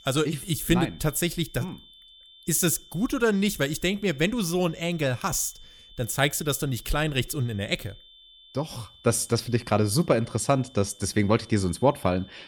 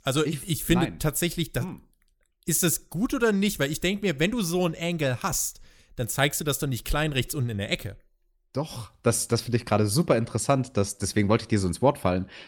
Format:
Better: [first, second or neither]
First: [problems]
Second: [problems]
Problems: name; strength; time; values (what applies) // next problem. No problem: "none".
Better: second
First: high-pitched whine; faint; throughout; 3.5 kHz, 25 dB below the speech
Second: none